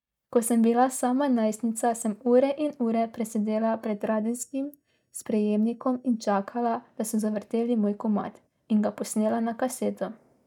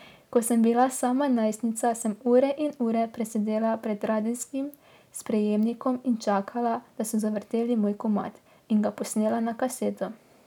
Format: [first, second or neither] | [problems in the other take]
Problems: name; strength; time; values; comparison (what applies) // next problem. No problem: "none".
second | noise reduction (neural mask model DeepFilterNet 3)